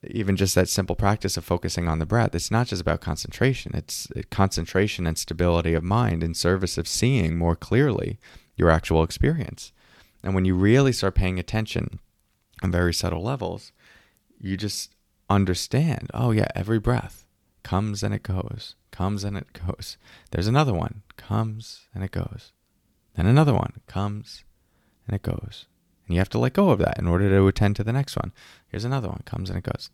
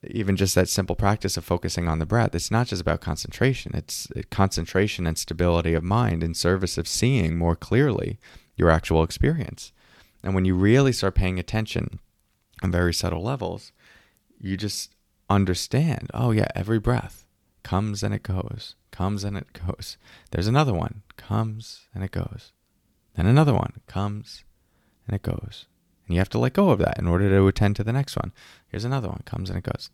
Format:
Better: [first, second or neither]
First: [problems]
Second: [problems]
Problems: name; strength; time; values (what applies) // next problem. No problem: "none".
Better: neither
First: none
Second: none